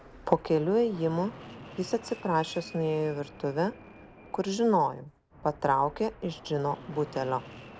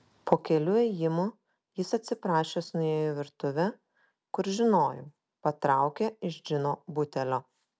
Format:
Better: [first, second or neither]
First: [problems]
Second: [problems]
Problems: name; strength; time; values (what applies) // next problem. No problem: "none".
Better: second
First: background sound (Fixed-wing aircraft, airplane); 18 dB below the speech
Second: none